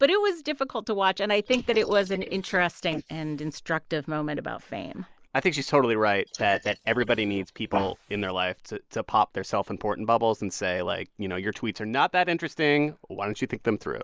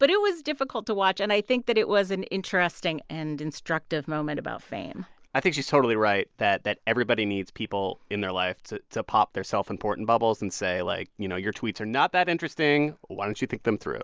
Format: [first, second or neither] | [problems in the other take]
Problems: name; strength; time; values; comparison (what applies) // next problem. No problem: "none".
second | noise reduction (neural mask model Resemble Enhance denoiser)